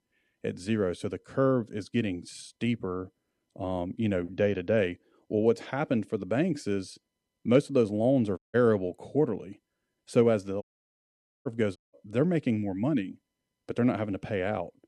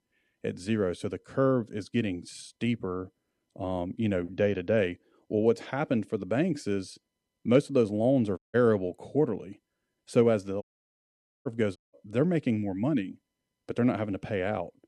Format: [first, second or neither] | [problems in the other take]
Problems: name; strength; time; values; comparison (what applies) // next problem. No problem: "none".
neither | audio cutting out; at 8.5 s, at 11 s for 1 s and at 12 s; the same in both